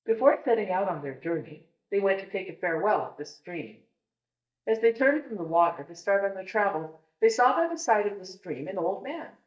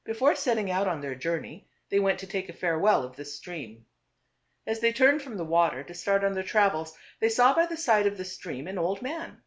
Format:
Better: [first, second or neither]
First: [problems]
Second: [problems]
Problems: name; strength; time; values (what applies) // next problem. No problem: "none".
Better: second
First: noise reduction (neural mask model DeepFilterNet 3)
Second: none